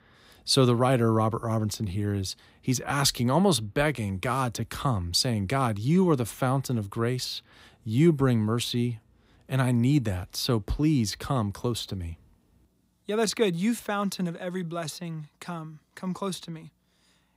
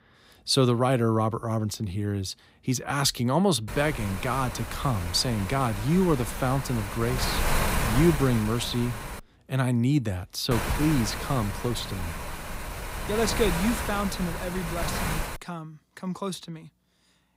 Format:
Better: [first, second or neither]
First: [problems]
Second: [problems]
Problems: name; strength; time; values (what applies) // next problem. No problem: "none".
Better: first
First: none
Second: wind noise on the microphone; heavy; from 3.5 to 9 s and from 11 to 15 s; 4 dB below the speech